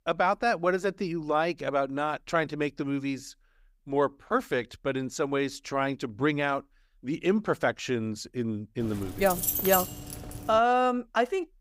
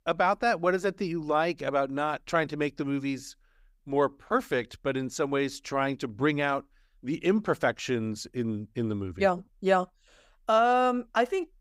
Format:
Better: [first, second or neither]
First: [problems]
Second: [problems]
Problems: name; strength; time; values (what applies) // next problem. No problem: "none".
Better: second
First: jangling keys; loud; from 9 to 11 s; peak 3 dB above the speech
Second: none